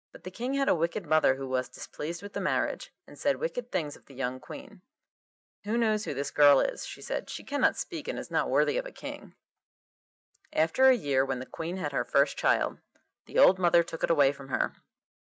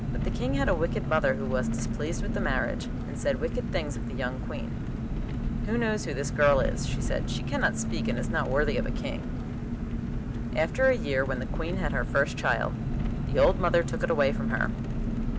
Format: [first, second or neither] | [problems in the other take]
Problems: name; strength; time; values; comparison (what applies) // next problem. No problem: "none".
first | background sound (Engine); as loud as the speech